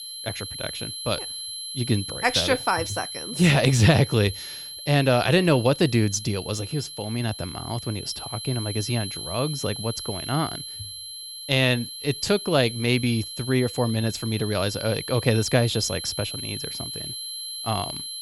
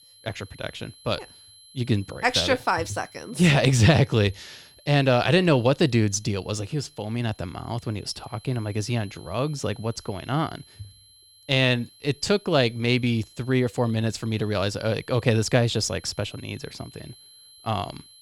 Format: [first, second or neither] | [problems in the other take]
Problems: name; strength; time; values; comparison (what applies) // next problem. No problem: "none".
second | high-pitched whine; loud; throughout; 4 kHz, 9 dB below the speech; faint in the second